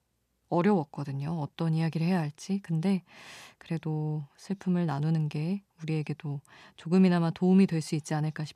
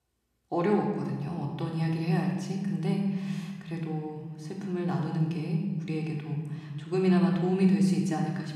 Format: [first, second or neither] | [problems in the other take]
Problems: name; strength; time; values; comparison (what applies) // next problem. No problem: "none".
first | room echo; noticeable; dies away in 1.6 s // off-mic speech; somewhat distant